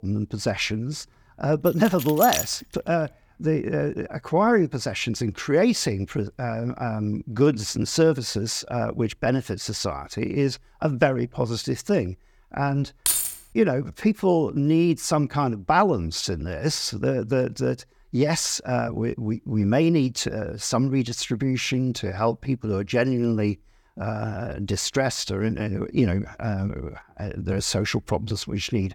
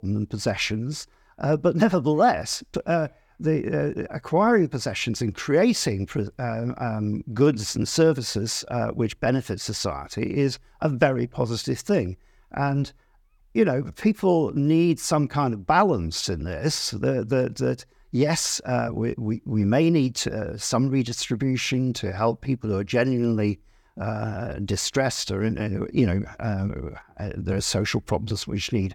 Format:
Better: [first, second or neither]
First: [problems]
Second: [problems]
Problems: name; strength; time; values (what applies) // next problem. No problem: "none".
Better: second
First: jangling keys; noticeable; at 1.5 s; peak 1 dB below the speech // jangling keys; loud; at 13 s; peak 3 dB above the speech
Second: none